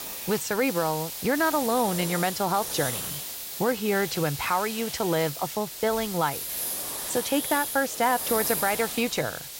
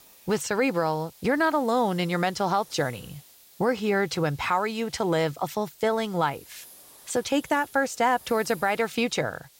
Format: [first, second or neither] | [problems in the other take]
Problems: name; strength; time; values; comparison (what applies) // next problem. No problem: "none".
second | hiss; loud; throughout; 4 dB below the speech; faint in the second